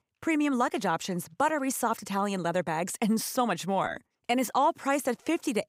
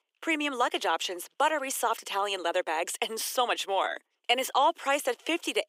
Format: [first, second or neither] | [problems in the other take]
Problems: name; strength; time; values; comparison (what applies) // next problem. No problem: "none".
first | thin; somewhat; fading below 350 Hz